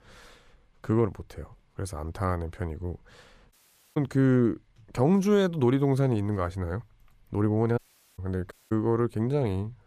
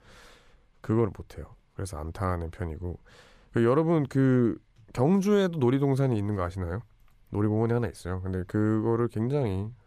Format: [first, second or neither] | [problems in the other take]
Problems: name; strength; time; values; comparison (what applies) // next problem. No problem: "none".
second | audio cutting out; at 3.5 s, at 8 s and at 8.5 s